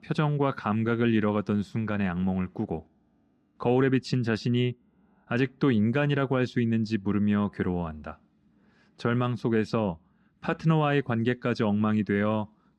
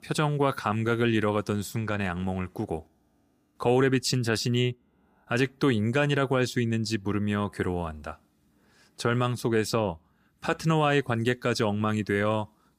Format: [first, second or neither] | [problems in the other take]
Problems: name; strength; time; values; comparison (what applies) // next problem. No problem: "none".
second | muffled; slightly; fading above 3.5 kHz